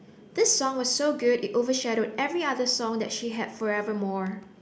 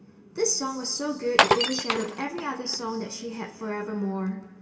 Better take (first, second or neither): first